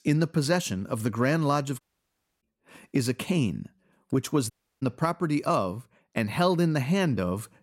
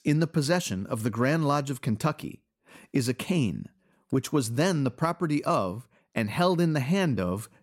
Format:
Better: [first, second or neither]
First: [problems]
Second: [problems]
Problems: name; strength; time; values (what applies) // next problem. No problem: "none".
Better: second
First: audio cutting out; at 2 s for 0.5 s and at 4.5 s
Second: none